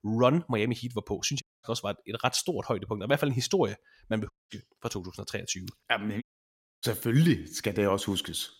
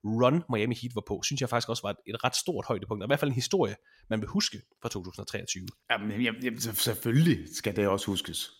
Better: second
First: audio cutting out; at 1.5 s, at 4.5 s and at 6 s for 0.5 s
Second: none

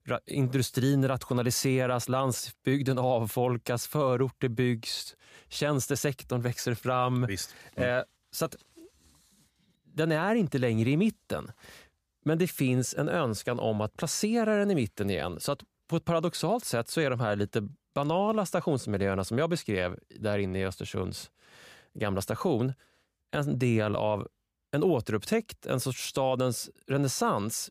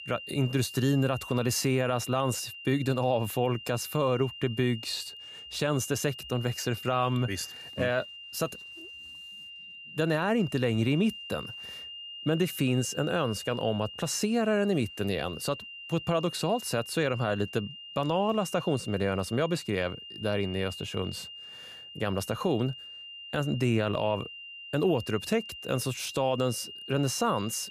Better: first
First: none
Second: high-pitched whine; noticeable; throughout; 3 kHz, 10 dB below the speech

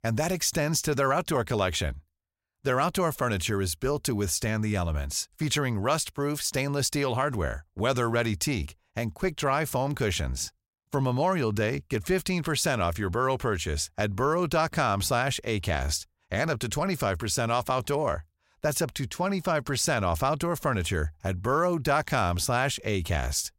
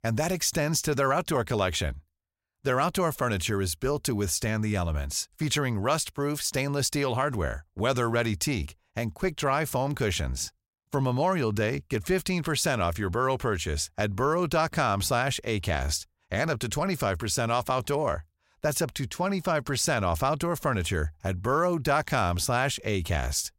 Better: neither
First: none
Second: none

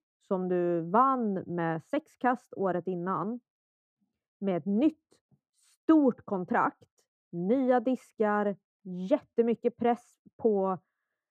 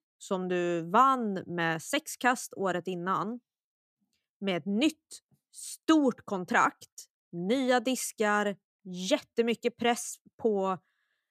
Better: second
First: muffled; very; fading above 2 kHz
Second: none

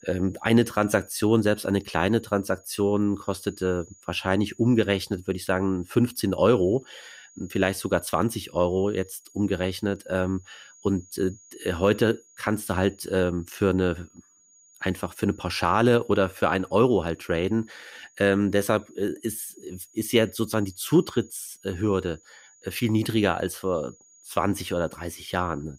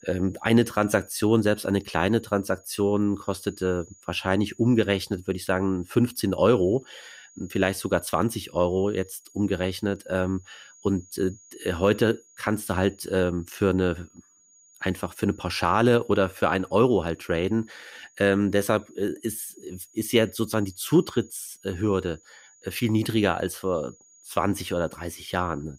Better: neither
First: high-pitched whine; faint; throughout; 6.5 kHz, 30 dB below the speech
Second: high-pitched whine; faint; throughout; 6.5 kHz, 30 dB below the speech

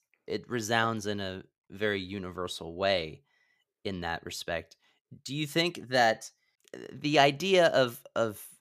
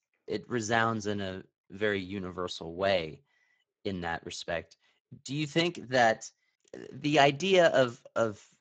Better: first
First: none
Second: garbled, watery; badly

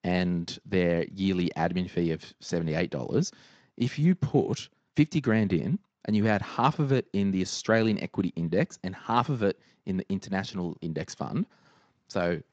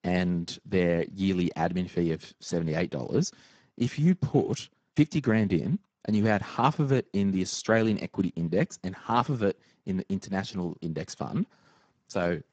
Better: first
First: garbled, watery; slightly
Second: garbled, watery; badly; nothing above 7.5 kHz

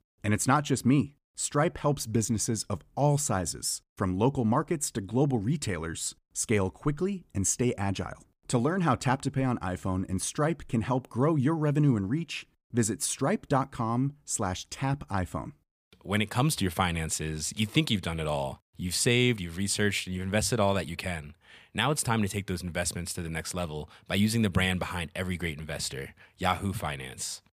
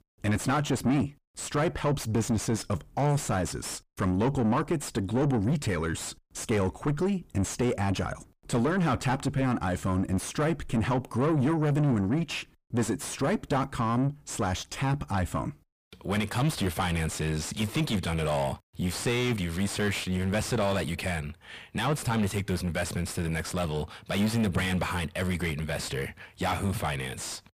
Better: first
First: none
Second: distortion; heavy; 6 dB below the speech

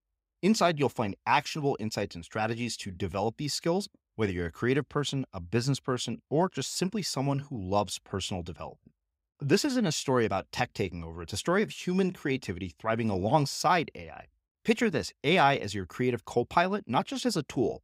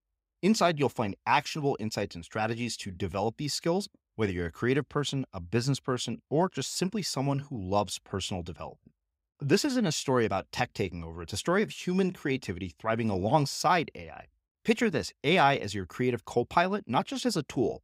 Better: neither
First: none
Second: none

